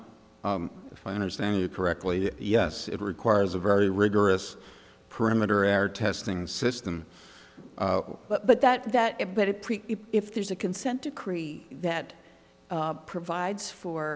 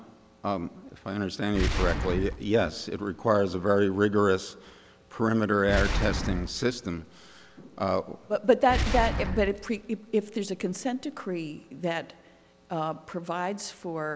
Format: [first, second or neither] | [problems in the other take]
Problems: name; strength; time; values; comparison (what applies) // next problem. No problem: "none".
first | background sound (Boom); 5 dB below the speech